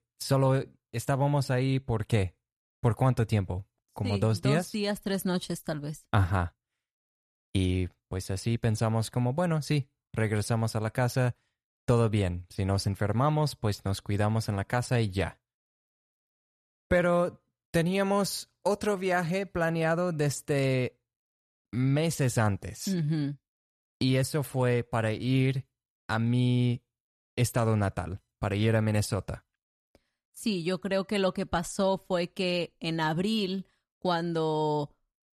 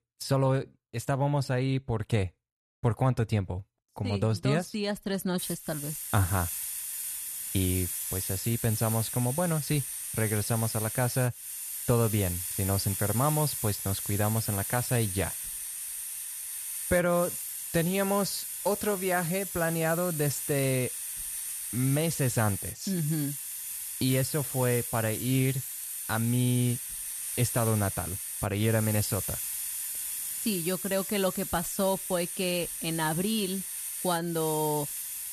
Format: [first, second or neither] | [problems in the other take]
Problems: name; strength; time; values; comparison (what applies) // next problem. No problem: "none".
first | hiss; loud; from 5.5 s on; 3 dB below the speech